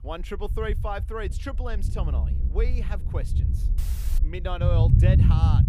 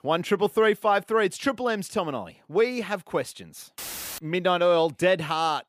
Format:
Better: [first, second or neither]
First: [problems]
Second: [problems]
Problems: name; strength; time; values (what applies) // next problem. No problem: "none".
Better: second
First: low rumble; loud; throughout; 4 dB below the speech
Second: none